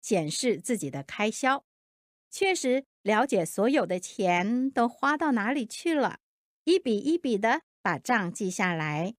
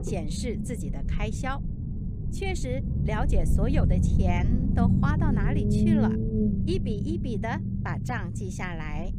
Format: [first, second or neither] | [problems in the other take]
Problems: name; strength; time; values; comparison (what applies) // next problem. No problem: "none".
first | low rumble; loud; throughout; 2 dB below the speech